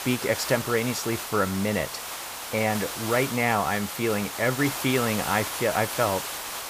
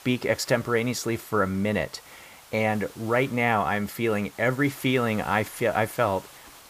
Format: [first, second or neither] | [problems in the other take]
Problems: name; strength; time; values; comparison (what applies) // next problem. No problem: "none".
second | hiss; loud; throughout; 6 dB below the speech; faint in the second